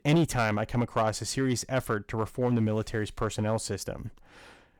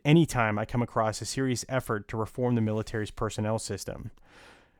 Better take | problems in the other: second | distortion; slight; 3% of the sound clipped

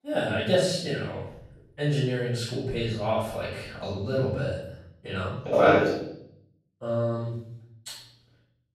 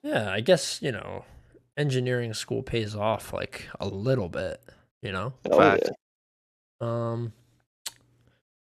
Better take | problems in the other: second | room echo; noticeable; dies away in 0.7 s // off-mic speech; far

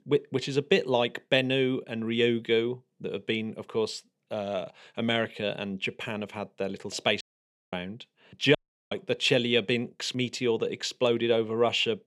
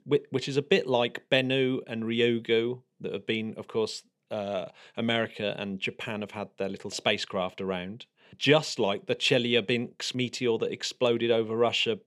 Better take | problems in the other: second | audio cutting out; at 7 s for 0.5 s and at 8.5 s

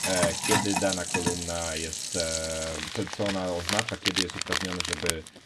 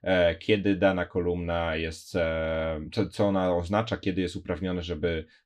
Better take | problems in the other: second | household noises; very loud; throughout; 3 dB above the speech

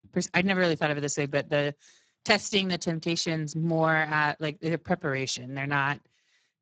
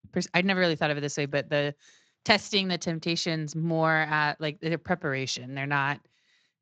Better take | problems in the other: second | garbled, watery; badly; nothing above 7.5 kHz; slightly in the second

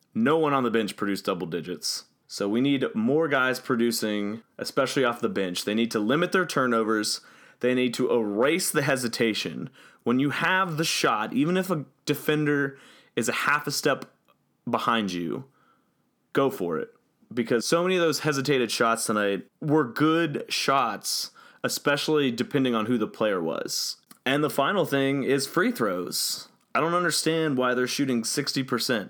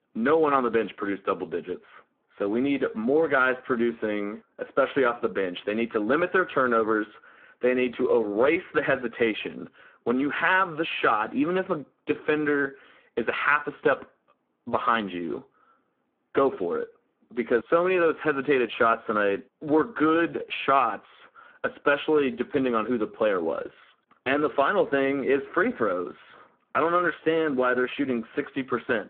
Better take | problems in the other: first | phone-call audio; poor line

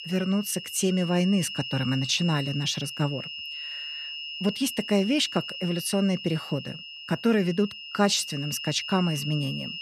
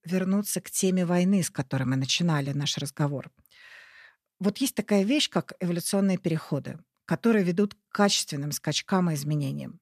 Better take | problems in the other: second | high-pitched whine; loud; throughout; 3 kHz, 8 dB below the speech

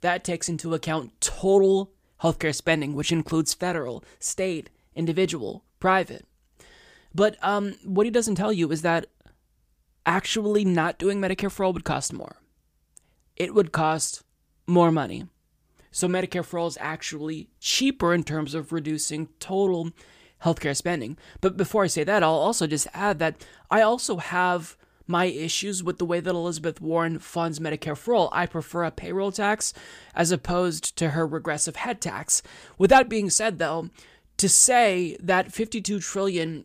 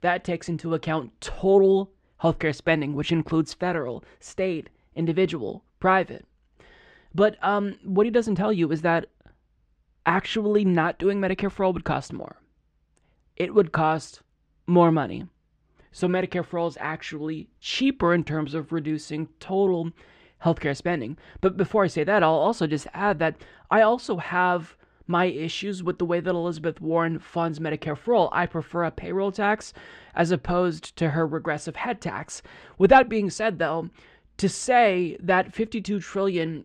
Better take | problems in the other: first | muffled; slightly; fading above 3 kHz

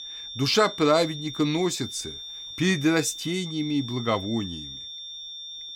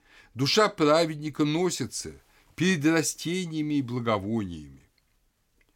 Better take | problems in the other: second | high-pitched whine; noticeable; throughout; 3.5 kHz, 10 dB below the speech

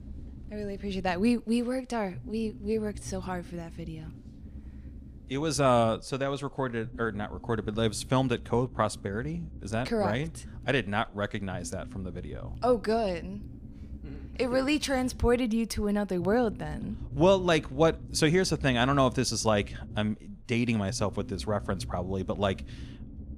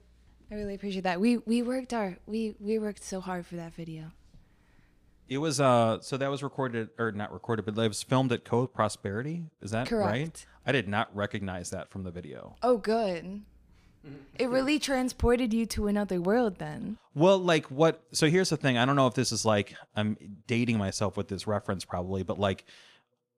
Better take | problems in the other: second | low rumble; faint; throughout; 25 dB below the speech

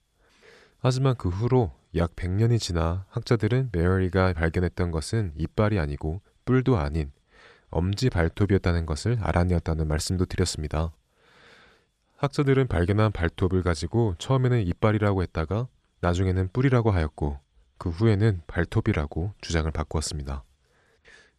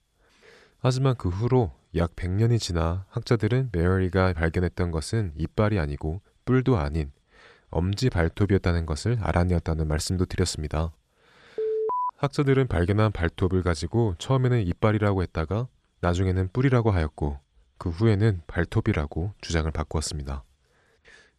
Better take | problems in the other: first | alarm; noticeable; at 12 s; peak 1 dB below the speech

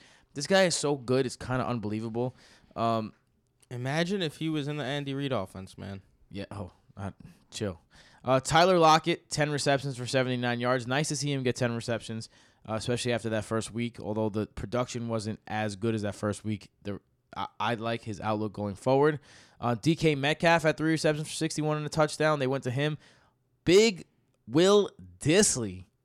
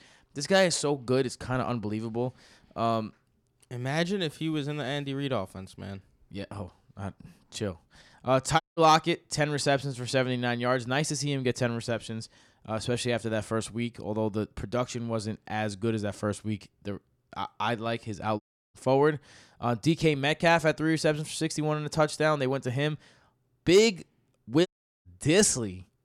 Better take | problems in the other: first | audio cutting out; at 8.5 s, at 18 s and at 25 s

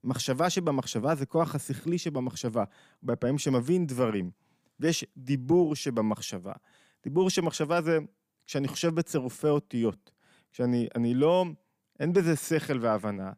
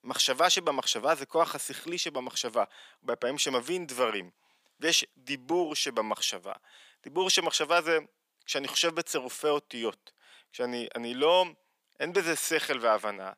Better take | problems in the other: first | thin; very; fading below 600 Hz

